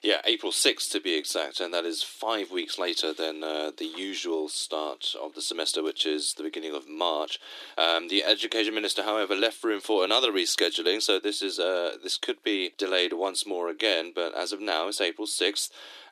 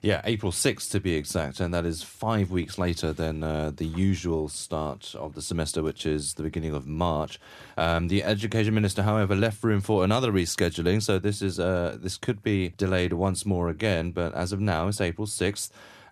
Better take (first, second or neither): second